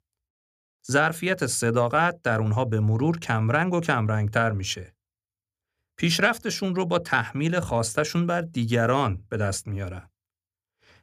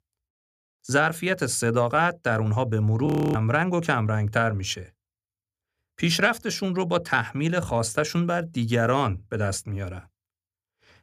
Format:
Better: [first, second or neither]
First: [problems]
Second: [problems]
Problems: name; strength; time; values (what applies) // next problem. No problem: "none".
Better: first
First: none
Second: audio freezing; at 3 s